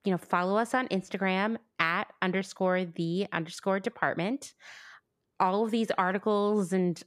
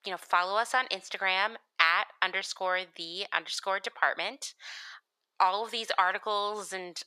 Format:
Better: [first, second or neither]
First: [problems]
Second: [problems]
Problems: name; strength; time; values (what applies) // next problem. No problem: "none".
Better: first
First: none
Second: thin; very; fading below 900 Hz